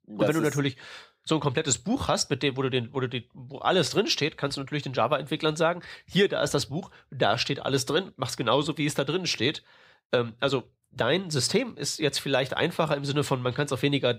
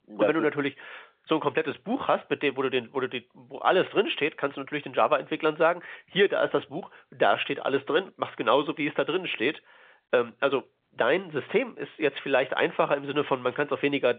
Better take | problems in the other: first | phone-call audio; nothing above 3 kHz

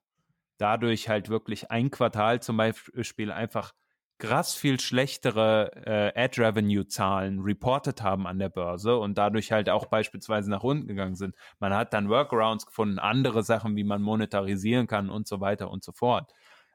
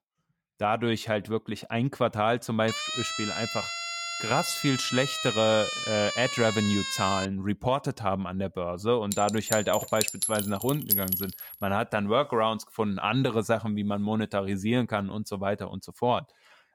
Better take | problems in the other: first | siren; noticeable; from 2.5 to 7.5 s; peak 2 dB below the speech // clattering dishes; loud; from 9 to 11 s; peak 3 dB above the speech

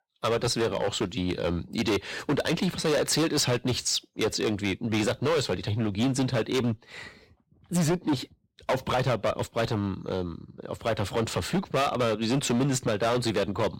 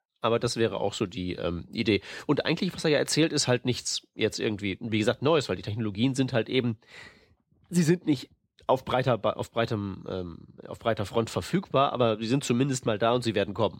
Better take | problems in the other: second | distortion; heavy; 13% of the sound clipped

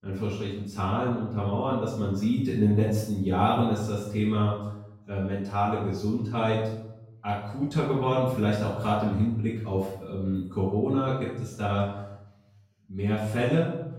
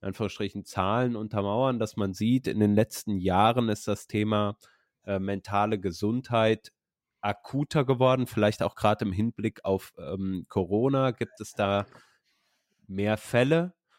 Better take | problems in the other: second | off-mic speech; far // room echo; noticeable; dies away in 0.8 s

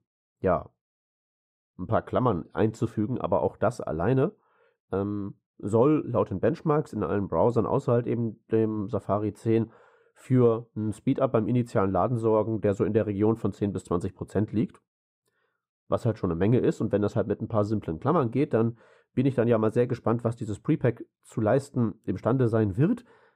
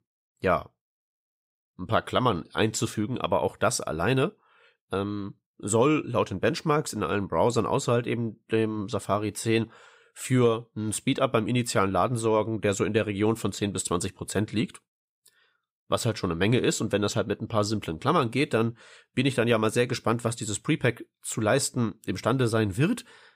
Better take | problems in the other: second | muffled; very; fading above 1.5 kHz

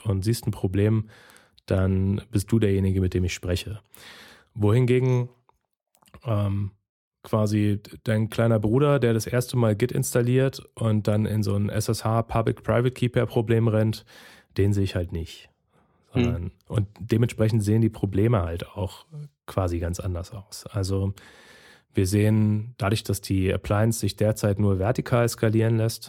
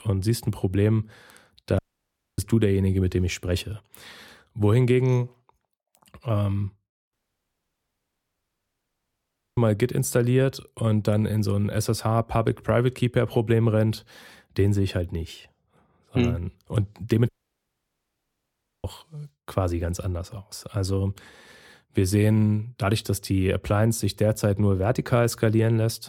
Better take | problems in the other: first | audio cutting out; at 2 s for 0.5 s, at 7 s for 2.5 s and at 17 s for 1.5 s

